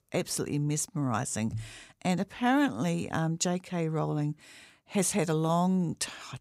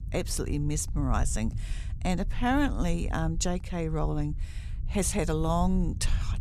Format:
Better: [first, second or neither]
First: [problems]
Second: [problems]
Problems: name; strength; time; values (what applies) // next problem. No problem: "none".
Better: first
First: none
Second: low rumble; faint; throughout; 20 dB below the speech